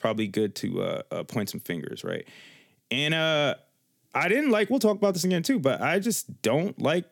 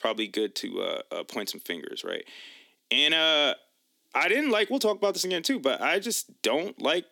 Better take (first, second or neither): first